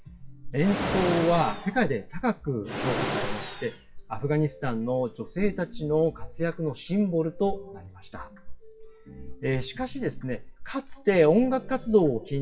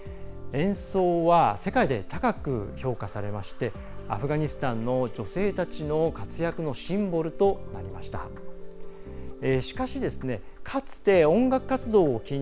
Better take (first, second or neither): second